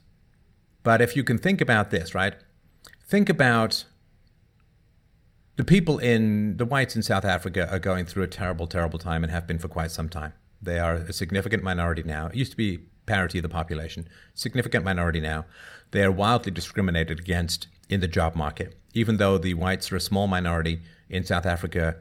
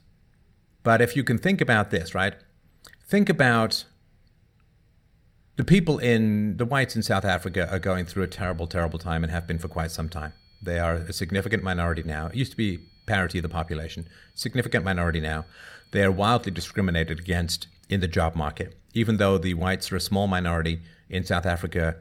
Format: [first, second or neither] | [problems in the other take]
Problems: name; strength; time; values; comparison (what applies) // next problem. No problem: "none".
first | high-pitched whine; faint; from 7 to 18 s; 4.5 kHz, 35 dB below the speech